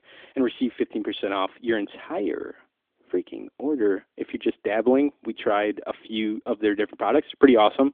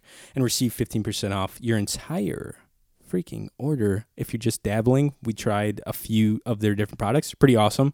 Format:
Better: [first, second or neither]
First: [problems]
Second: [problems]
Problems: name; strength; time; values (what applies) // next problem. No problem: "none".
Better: second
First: phone-call audio; nothing above 3.5 kHz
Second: none